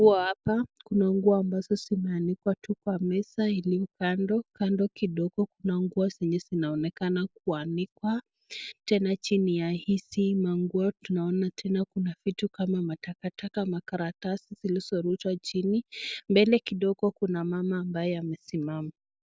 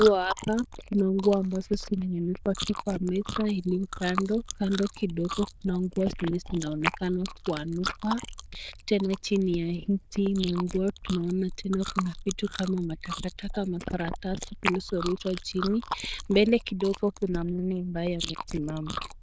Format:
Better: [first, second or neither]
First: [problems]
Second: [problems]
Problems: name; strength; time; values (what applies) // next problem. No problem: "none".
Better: first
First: none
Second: noise reduction (neural diffusion model UNIVERSE++)